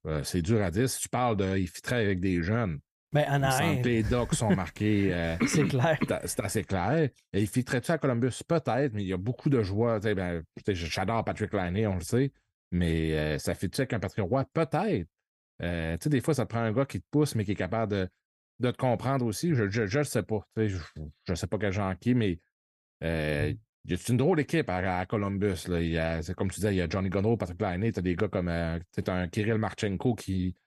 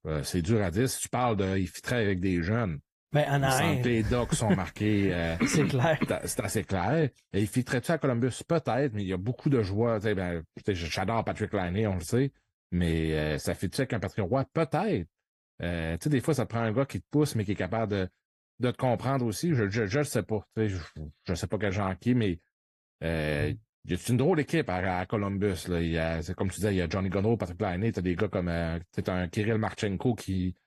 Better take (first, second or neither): first